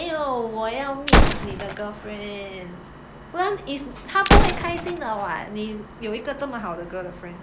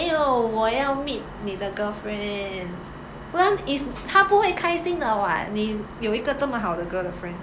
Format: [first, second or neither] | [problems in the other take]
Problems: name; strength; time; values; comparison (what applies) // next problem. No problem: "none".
second | background sound (Gunshot, gunfire); 4 dB above the speech